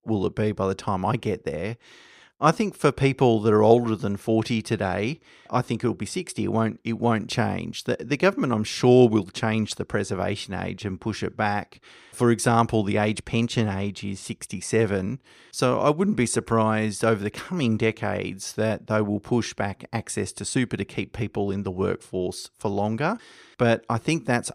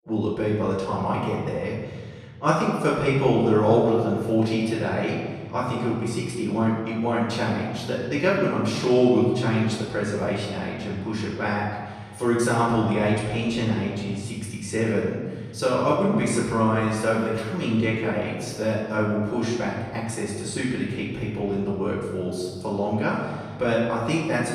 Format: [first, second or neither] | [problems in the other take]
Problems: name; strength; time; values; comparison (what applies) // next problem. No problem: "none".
first | off-mic speech; far // room echo; noticeable; dies away in 1.6 s